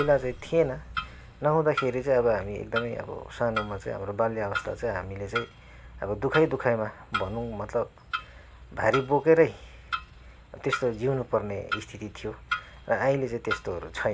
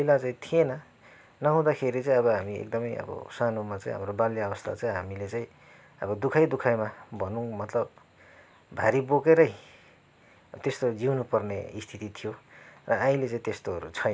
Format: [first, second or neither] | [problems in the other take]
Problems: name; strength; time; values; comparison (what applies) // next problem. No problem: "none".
second | background sound (Clock); 10 dB below the speech